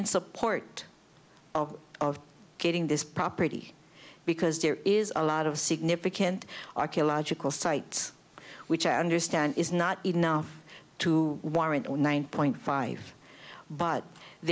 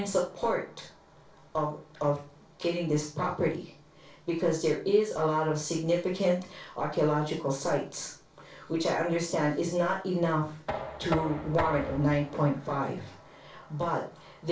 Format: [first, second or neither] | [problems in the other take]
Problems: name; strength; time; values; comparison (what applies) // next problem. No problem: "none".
first | background sound (Knock); 15 dB below the speech // room echo; dies away in 0.2 s